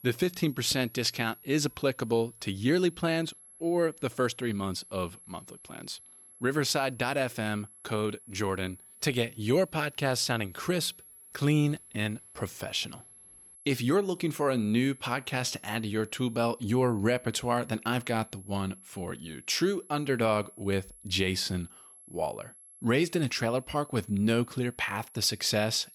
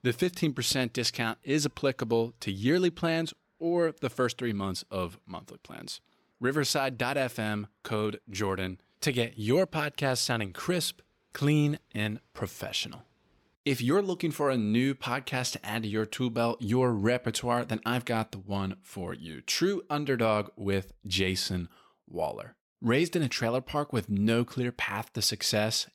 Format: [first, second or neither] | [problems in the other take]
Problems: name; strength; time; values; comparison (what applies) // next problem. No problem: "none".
second | high-pitched whine; faint; throughout; 11 kHz, 20 dB below the speech